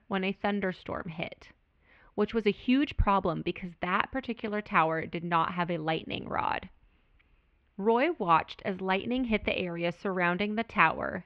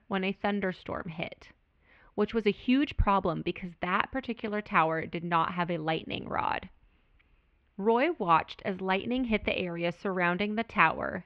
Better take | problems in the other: neither | muffled; very; fading above 2.5 kHz; the same in both

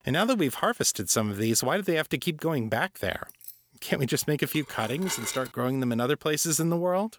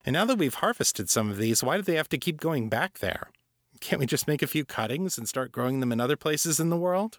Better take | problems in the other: second | jangling keys; faint; at 3.5 s; peak 15 dB below the speech // clattering dishes; noticeable; at 4.5 s; peak 8 dB below the speech

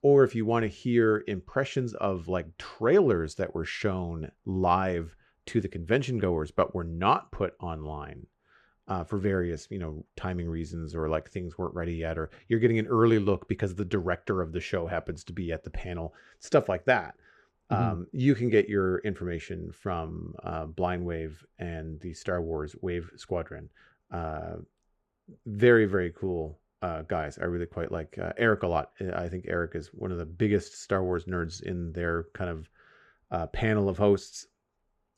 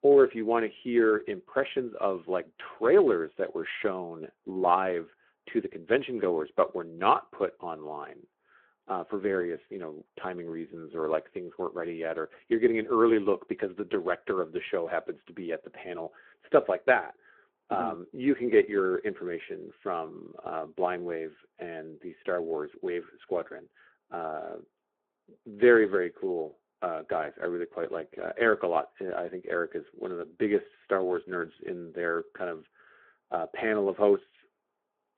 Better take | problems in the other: first | phone-call audio

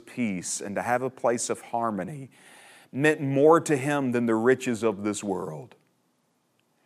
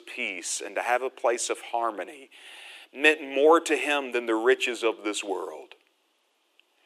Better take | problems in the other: first | thin; somewhat; fading below 350 Hz

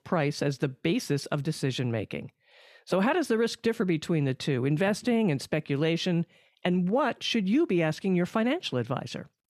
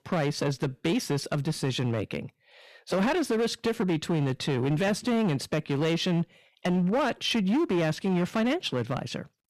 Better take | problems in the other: first | distortion; slight; 14% of the sound clipped

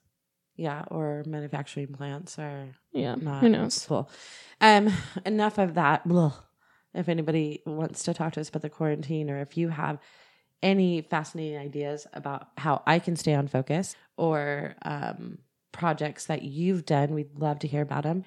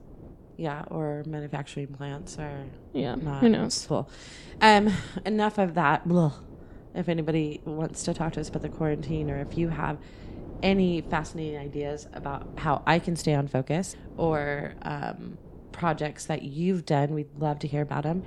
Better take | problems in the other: first | wind noise on the microphone; occasional gusts; 20 dB below the speech

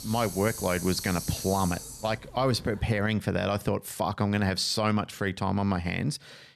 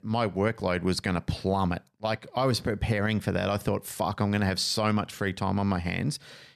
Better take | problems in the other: second | hiss; loud; until 3 s; 8 dB below the speech

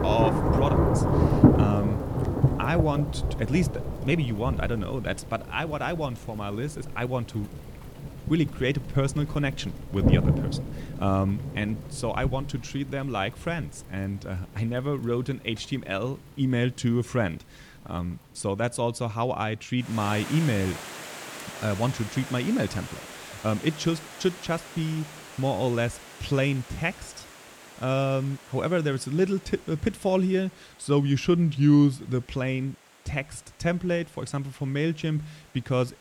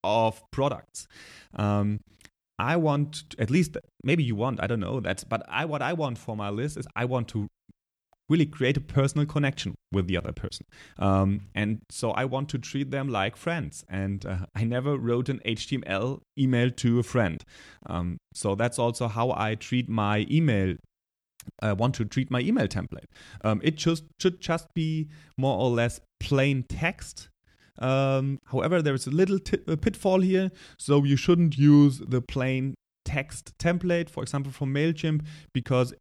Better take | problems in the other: second | rain or running water; loud; throughout; 1 dB below the speech

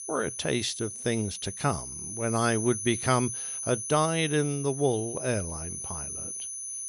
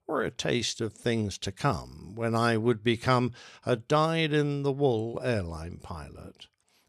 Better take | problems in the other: second | high-pitched whine; loud; throughout; 10 kHz, 6 dB below the speech

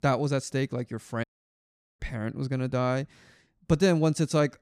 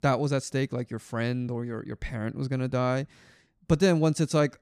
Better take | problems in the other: second | audio cutting out; at 1 s for 1 s

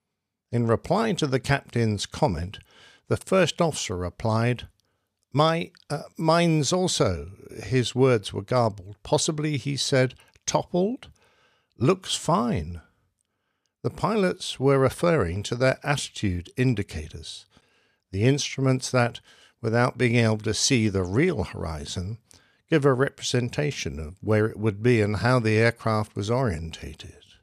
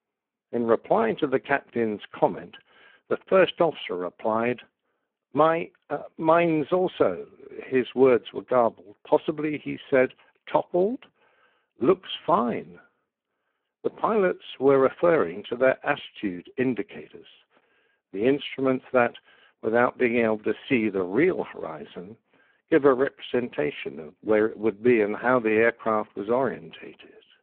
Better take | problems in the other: first | phone-call audio; poor line

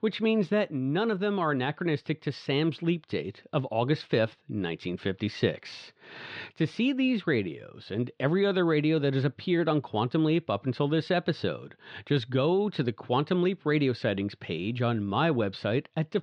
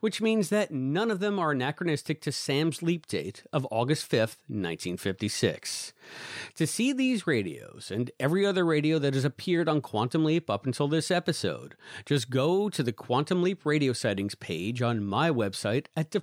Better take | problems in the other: second | muffled; slightly; fading above 3.5 kHz

